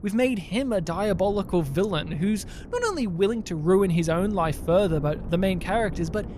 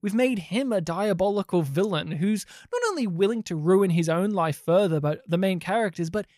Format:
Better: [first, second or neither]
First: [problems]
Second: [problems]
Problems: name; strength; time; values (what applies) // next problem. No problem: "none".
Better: second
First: wind noise on the microphone; occasional gusts; 20 dB below the speech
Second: none